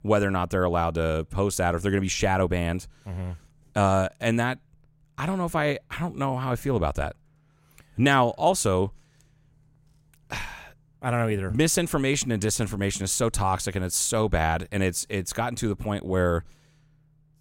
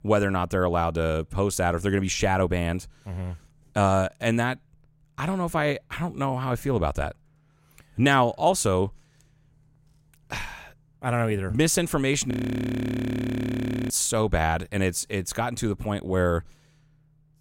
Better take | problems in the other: first | audio freezing; at 12 s for 1.5 s

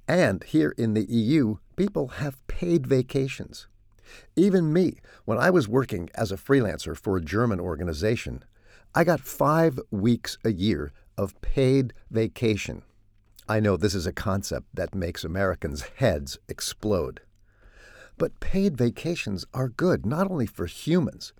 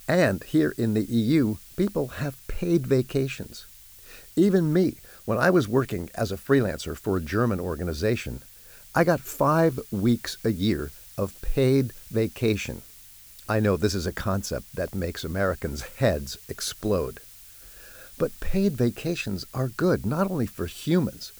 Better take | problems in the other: first | hiss; noticeable; throughout; 20 dB below the speech

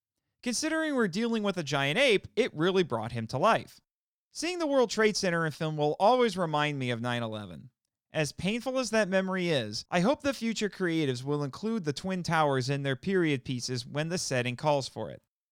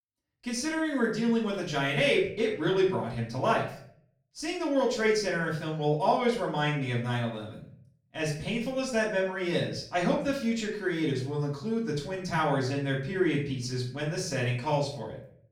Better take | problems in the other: first | off-mic speech; far // room echo; slight; dies away in 0.5 s

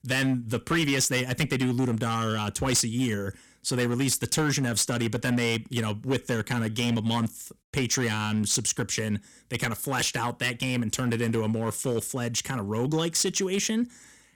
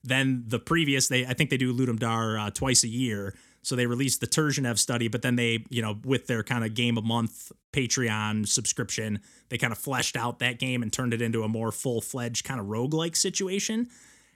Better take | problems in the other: second | distortion; slight; 7% of the sound clipped

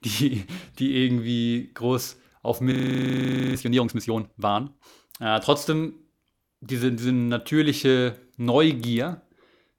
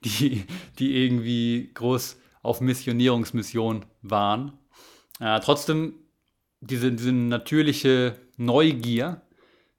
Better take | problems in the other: second | audio freezing; at 2.5 s for 1 s

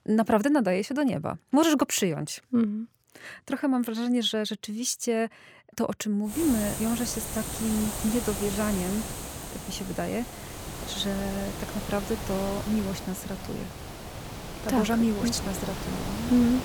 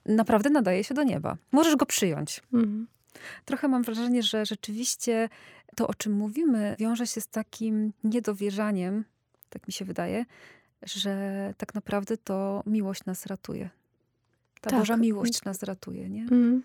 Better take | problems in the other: second | hiss; loud; from 6.5 s on; 7 dB below the speech

